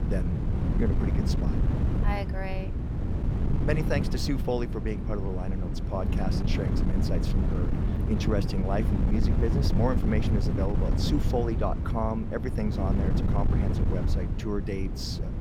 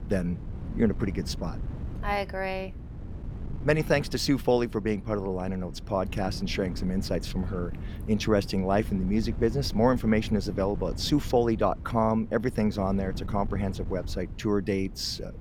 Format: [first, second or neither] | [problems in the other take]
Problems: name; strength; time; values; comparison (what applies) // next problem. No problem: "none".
second | wind noise on the microphone; heavy; 4 dB below the speech; occasional gusts in the second